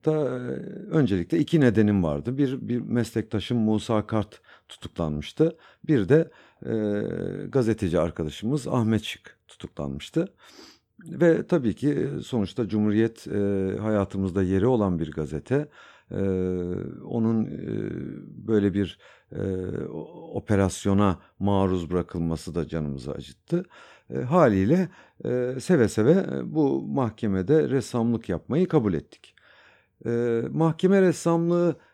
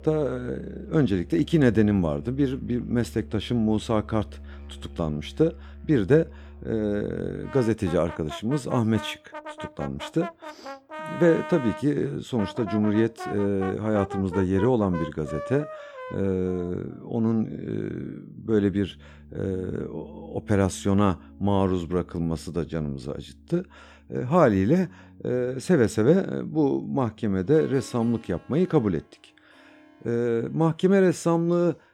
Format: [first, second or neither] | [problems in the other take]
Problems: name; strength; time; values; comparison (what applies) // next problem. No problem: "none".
first | background music; noticeable; throughout; 15 dB below the speech